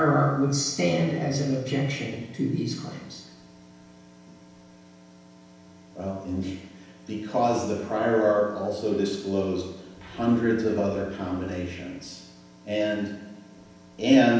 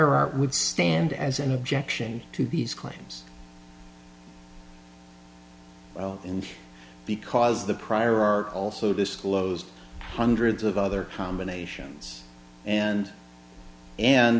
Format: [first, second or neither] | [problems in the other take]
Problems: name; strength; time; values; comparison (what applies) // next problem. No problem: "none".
second | room echo; dies away in 0.9 s